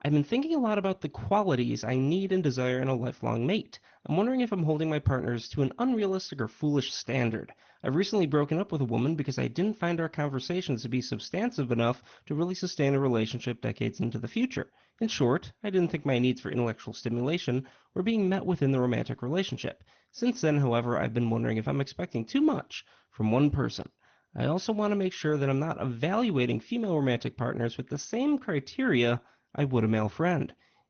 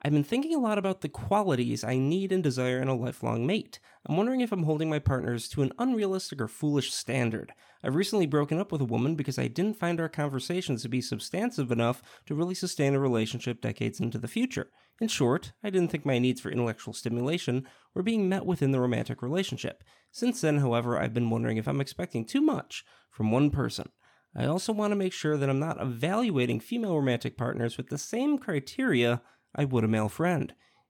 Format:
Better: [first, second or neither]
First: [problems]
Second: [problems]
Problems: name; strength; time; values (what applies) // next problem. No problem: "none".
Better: second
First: garbled, watery; slightly; nothing above 6.5 kHz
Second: none